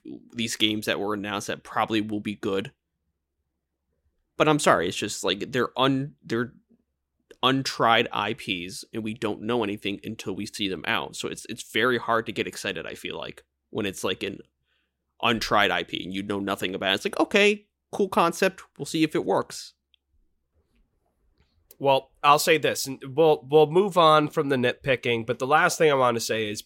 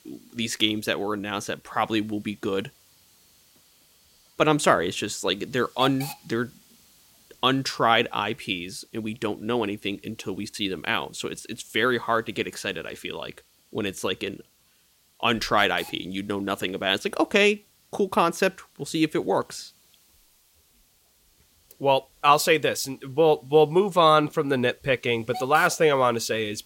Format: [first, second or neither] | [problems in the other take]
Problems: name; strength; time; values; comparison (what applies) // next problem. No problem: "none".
first | hiss; faint; throughout; 25 dB below the speech